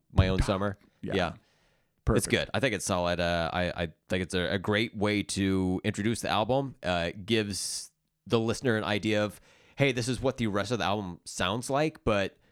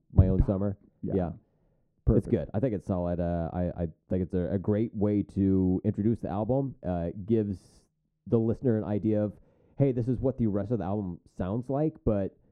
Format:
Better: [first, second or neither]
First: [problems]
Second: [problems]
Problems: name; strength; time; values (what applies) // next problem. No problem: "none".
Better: first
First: none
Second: muffled; very; fading above 1 kHz